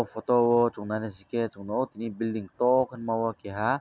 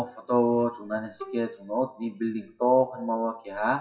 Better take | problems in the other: first | noise reduction (classical method WPE with log-MMSE)

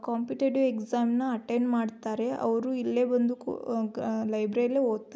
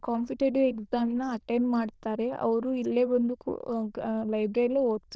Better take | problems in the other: first | noise reduction (neural diffusion model UNIVERSE++)

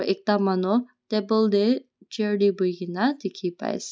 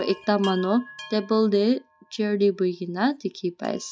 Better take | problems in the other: first | background sound (Chime); 20 dB below the speech

